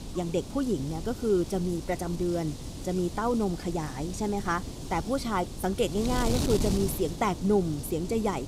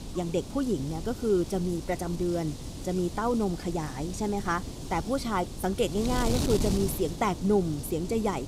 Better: neither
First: wind noise on the microphone; heavy; 10 dB below the speech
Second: wind noise on the microphone; heavy; 10 dB below the speech

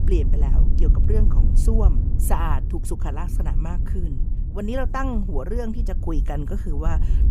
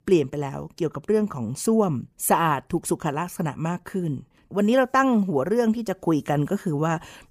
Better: second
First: wind noise on the microphone; heavy; 9 dB below the speech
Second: none

